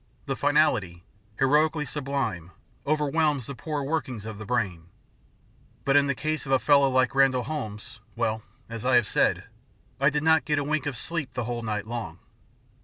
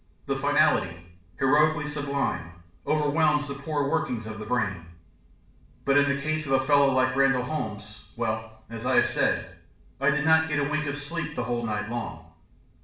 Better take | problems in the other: first | room echo; dies away in 0.6 s

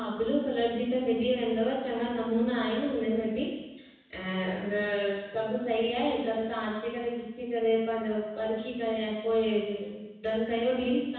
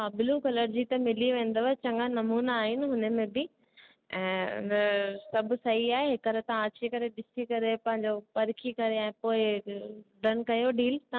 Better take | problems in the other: second | room echo; dies away in 1.1 s

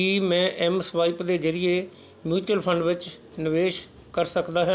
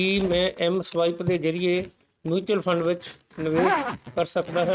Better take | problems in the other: first | noise reduction (neural mask model RNNoise)

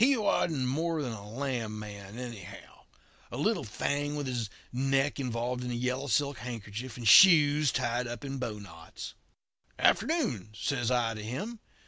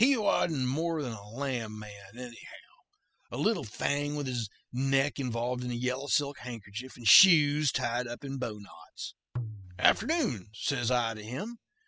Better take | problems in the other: first | noise reduction (classical method spectral subtraction)

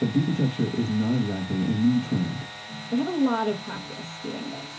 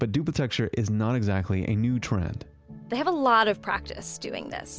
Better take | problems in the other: second | background sound (Sawing / Engine); 14 dB below the speech // room echo; dies away in 0.3 s

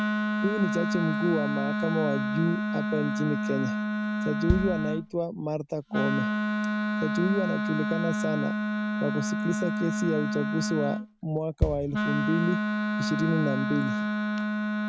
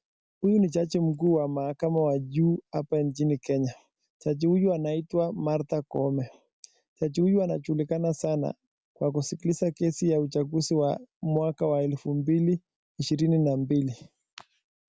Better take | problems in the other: second | background sound (Wind instrument, woodwind instrument + Bass drum); 2 dB above the speech

